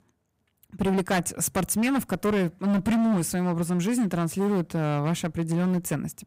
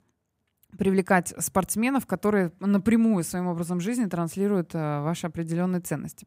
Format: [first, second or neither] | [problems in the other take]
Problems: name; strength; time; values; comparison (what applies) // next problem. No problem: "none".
second | distortion; heavy; 17% of the sound clipped